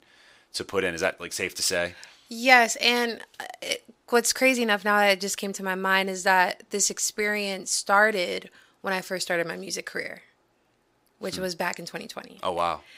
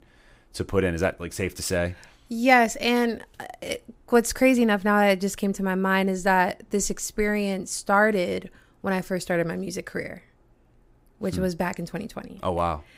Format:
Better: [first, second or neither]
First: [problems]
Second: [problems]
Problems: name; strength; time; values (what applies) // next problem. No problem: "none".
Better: second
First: thin; somewhat; fading below 1 kHz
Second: none